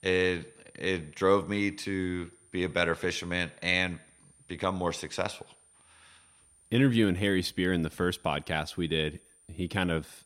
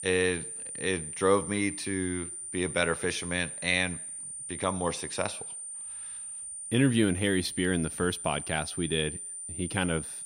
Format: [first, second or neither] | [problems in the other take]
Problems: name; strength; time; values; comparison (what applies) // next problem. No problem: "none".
first | high-pitched whine; loud; throughout; 9 kHz, 7 dB below the speech; faint in the first